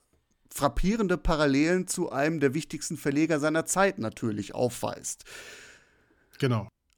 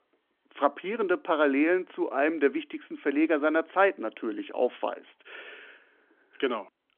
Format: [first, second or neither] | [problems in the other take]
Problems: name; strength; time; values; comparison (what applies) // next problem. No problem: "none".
first | phone-call audio; nothing above 3.5 kHz